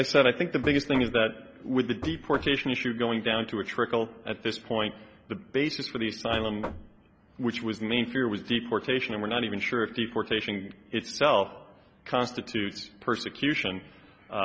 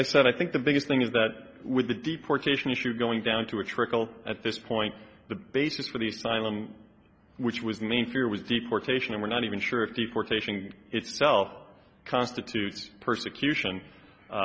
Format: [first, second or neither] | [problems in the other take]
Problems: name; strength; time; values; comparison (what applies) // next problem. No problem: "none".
second | background sound (Knock); 11 dB below the speech